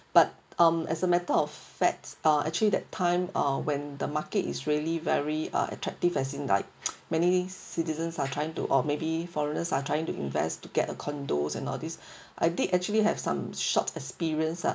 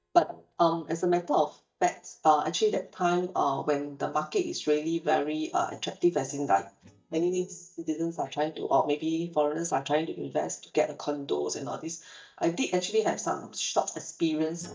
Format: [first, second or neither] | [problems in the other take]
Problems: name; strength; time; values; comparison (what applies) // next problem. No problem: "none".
first | noise reduction (neural mask model DeepFilterNet 3)